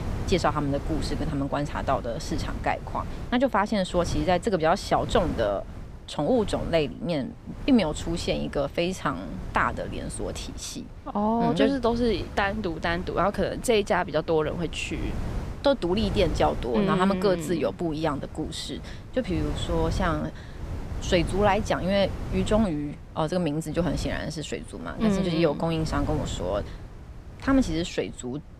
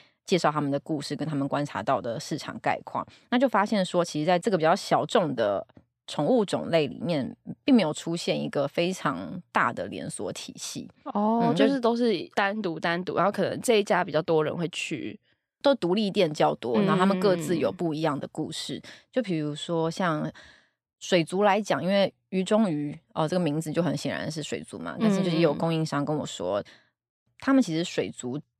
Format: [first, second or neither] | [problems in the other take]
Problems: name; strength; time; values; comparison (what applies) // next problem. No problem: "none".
second | wind noise on the microphone; occasional gusts; 15 dB below the speech